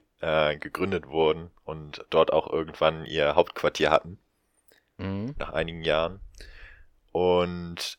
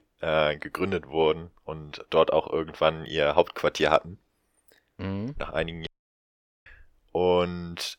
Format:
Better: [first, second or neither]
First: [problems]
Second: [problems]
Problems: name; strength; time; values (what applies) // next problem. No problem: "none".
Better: first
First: none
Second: audio cutting out; at 6 s for 1 s